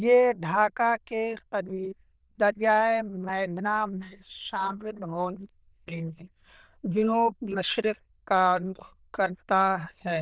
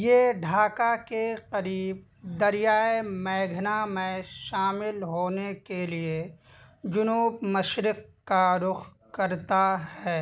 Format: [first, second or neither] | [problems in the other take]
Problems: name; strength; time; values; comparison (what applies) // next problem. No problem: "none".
second | noise reduction (neural diffusion model UNIVERSE++)